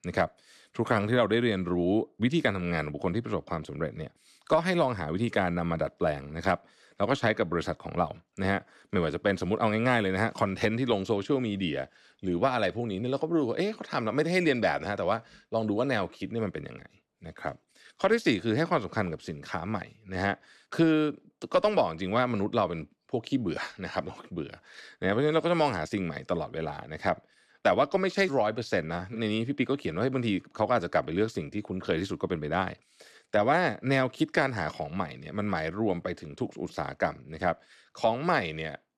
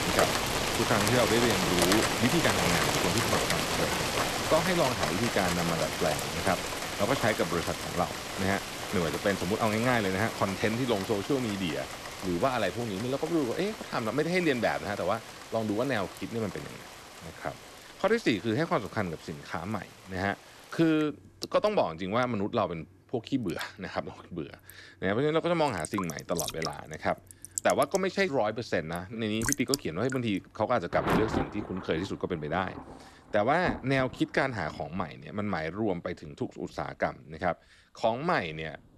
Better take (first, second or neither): first